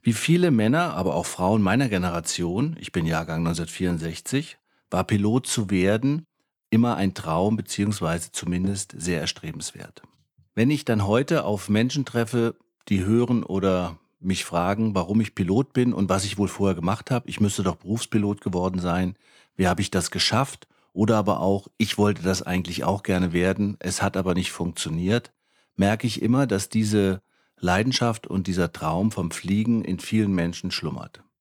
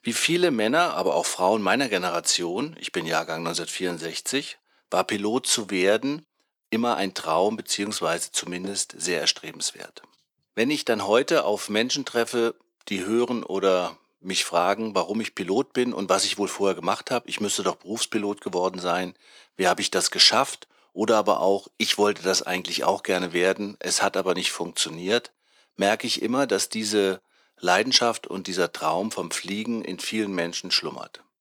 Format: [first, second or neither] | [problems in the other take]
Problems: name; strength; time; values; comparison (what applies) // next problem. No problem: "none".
first | thin; somewhat; fading below 400 Hz